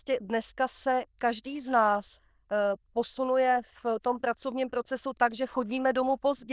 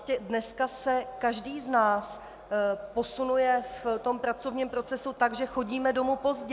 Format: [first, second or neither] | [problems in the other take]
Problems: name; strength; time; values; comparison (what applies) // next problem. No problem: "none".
second | noise reduction (neural diffusion model UNIVERSE++)